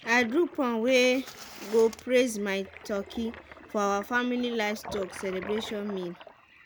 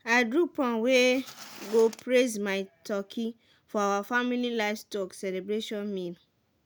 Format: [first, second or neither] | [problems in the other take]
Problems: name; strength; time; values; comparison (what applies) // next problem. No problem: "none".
second | background sound (Toilet flush); 17 dB below the speech